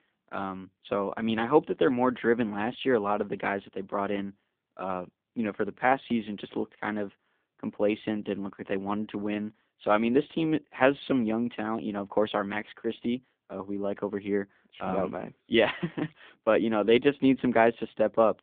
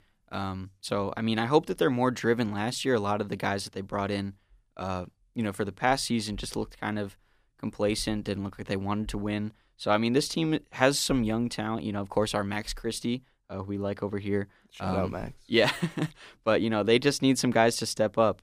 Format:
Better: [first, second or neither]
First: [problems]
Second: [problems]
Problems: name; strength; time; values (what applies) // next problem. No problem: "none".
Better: second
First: phone-call audio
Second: none